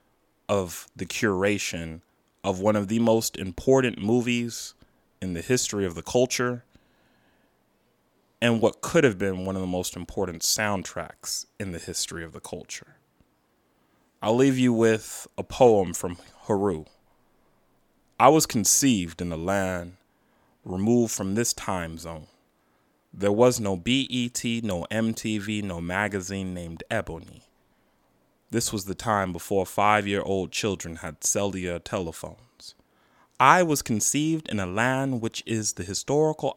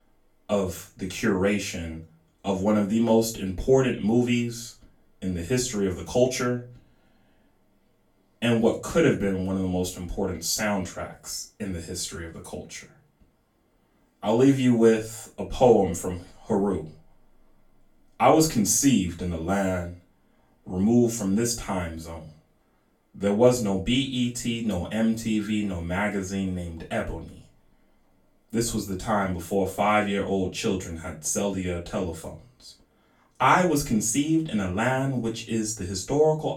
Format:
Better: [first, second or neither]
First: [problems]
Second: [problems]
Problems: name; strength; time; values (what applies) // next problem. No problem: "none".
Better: first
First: none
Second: off-mic speech; far // room echo; slight; dies away in 0.3 s